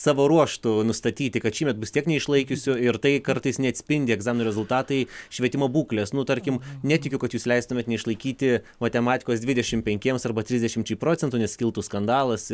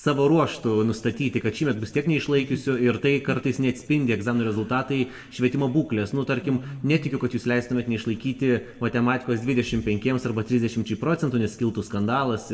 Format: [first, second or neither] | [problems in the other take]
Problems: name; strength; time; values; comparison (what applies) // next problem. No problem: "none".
first | room echo; dies away in 1.2 s